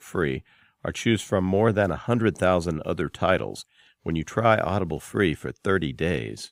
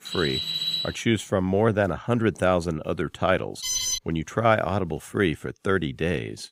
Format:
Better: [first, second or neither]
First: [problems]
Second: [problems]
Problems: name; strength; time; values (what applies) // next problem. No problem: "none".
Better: first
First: none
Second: alarm; loud; at the start and at 3.5 s; peak 1 dB above the speech